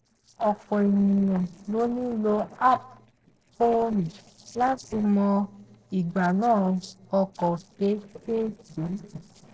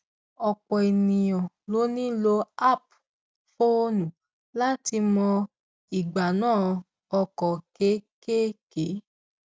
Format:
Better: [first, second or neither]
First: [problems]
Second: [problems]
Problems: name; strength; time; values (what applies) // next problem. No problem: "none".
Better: second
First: noise reduction (neural separator model SepFormer DNS4)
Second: none